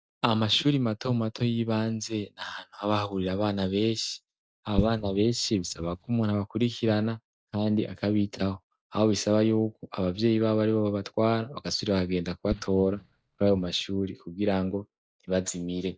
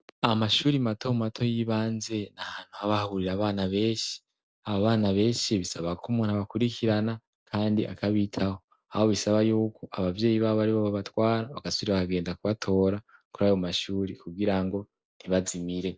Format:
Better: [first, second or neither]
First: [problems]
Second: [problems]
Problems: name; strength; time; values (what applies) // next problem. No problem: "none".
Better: second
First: noise reduction (neural mask model DeepFilterNet 3)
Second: none